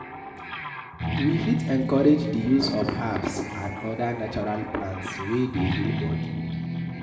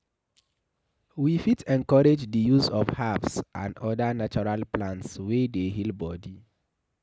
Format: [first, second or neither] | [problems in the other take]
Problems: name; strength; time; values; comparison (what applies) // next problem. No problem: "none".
second | background sound (Guitar); 4 dB below the speech // room echo; dies away in 1.6 s